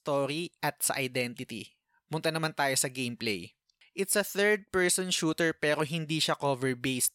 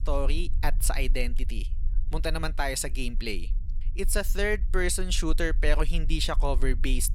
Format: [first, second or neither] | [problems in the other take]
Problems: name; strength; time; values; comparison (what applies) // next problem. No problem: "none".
first | low rumble; faint; throughout; 25 dB below the speech